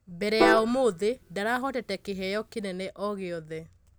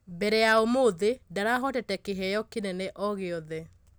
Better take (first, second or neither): second